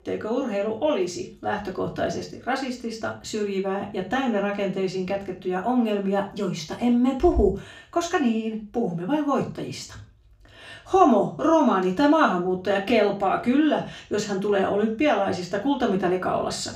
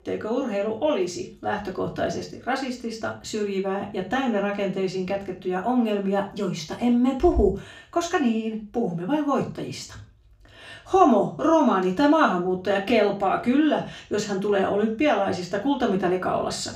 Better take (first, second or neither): neither